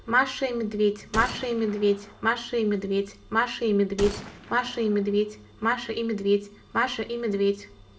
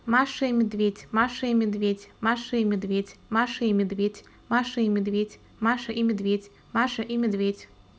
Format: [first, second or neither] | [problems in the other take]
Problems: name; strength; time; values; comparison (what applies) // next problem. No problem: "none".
second | background sound (Gunshot, gunfire); 15 dB below the speech // room echo; dies away in 0.4 s